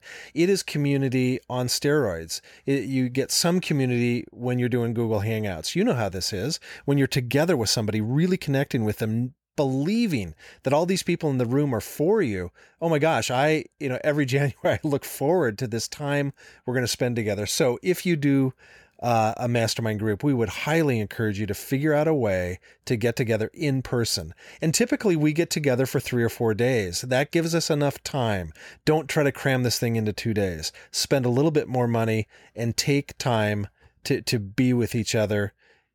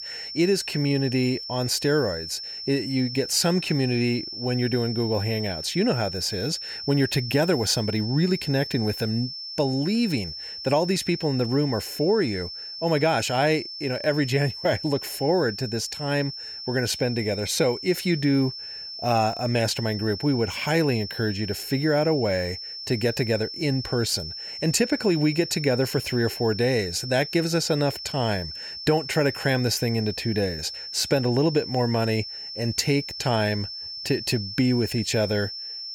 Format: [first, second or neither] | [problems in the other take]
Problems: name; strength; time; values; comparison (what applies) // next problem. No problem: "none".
first | high-pitched whine; loud; throughout; 5.5 kHz, 8 dB below the speech